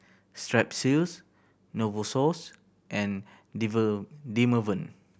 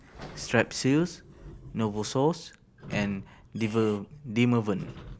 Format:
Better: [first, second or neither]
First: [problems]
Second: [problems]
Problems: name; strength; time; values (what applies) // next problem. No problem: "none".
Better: first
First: none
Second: background sound (Squeak / Sliding door); 17 dB below the speech